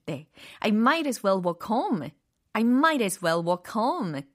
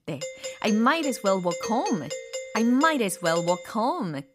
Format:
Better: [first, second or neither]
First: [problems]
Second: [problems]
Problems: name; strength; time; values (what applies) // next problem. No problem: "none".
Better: first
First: none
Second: doorbell; noticeable; until 3.5 s; peak 8 dB below the speech